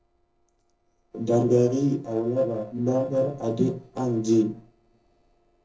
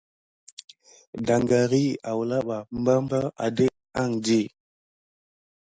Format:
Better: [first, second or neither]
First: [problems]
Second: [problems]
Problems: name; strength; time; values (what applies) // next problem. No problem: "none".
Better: second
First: noise reduction (neural separator model SepFormer DNS4)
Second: none